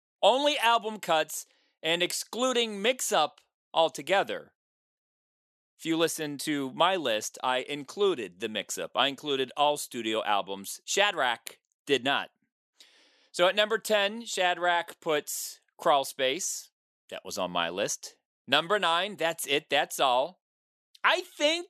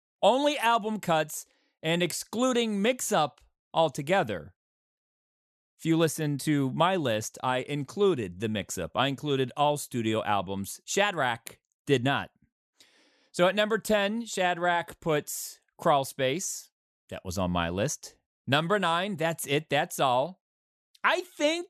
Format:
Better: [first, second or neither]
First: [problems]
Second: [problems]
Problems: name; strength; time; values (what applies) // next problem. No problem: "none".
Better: second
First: thin; somewhat; fading below 350 Hz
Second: none